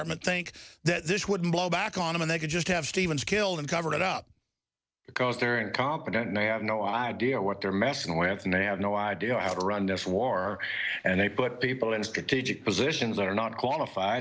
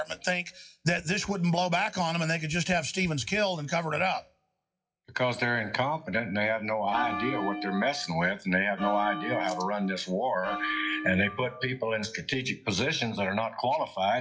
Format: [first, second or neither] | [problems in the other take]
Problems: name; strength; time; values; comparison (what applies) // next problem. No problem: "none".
first | noise reduction (classical method WPE with log-MMSE)